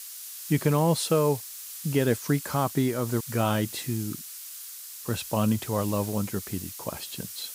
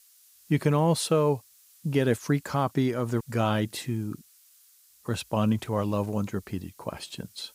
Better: second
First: hiss; loud; throughout; 10 dB below the speech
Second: hiss; faint; throughout; 25 dB below the speech

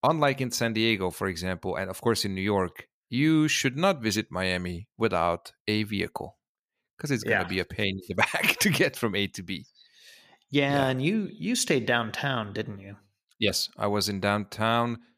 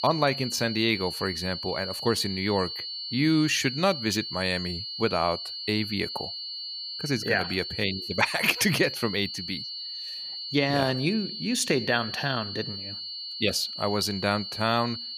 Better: first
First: none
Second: high-pitched whine; loud; throughout; 4.5 kHz, 6 dB below the speech

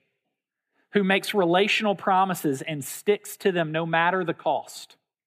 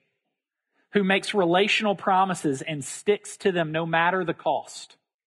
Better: first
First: none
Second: garbled, watery; slightly; nothing above 10.5 kHz

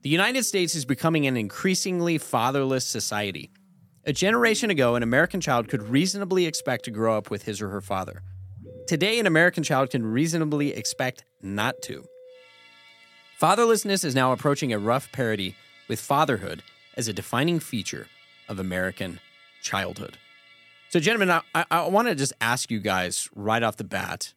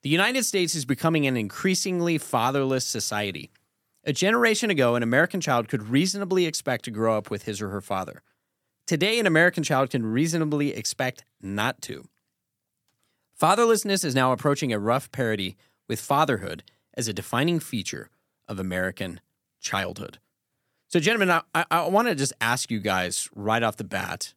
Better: second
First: background music; faint; throughout; 25 dB below the speech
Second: none

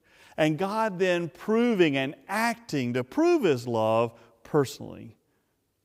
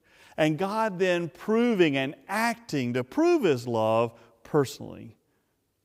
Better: neither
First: none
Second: none

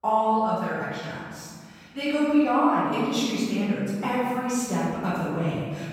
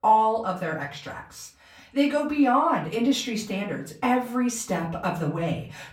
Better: second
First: room echo; strong; dies away in 1.9 s // off-mic speech; far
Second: room echo; slight; dies away in 0.3 s // off-mic speech; far

